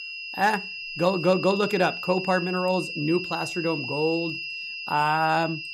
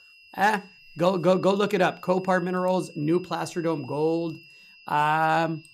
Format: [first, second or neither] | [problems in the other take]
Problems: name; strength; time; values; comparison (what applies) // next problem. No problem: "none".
second | high-pitched whine; loud; throughout; 2.5 kHz, 7 dB below the speech; faint in the second